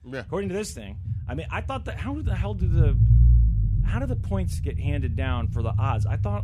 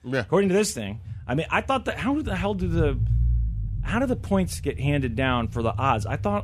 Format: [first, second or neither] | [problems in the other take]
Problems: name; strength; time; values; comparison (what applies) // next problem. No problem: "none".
second | low rumble; loud; throughout; 6 dB below the speech; faint in the second